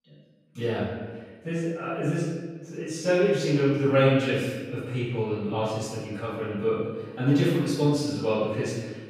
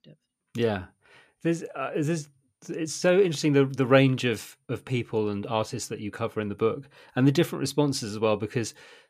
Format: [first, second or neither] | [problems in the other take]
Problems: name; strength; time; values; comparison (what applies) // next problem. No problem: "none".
second | off-mic speech; far // room echo; strong; dies away in 1.2 s